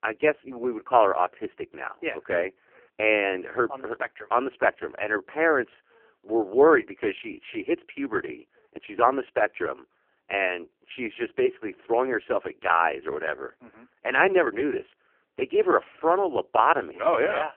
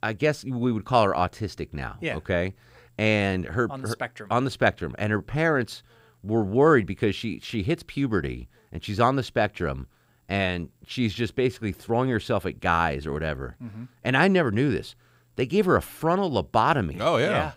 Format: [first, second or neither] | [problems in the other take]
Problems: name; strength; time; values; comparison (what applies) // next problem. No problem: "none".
second | phone-call audio; poor line